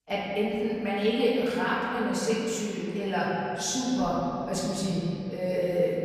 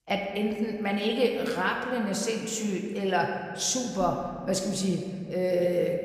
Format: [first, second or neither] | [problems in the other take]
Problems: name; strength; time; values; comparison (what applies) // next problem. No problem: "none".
second | room echo; strong; dies away in 2.9 s; slight in the second // off-mic speech; far